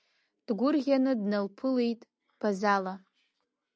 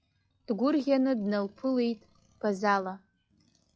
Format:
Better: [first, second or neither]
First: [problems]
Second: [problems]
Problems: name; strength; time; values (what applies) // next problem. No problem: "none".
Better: first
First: none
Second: noise reduction (classical method log-MMSE)